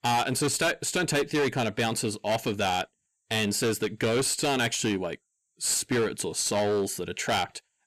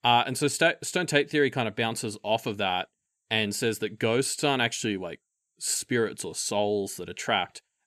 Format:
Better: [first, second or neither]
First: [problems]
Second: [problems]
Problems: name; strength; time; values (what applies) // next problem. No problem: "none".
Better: second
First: distortion; heavy; 14% of the sound clipped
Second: none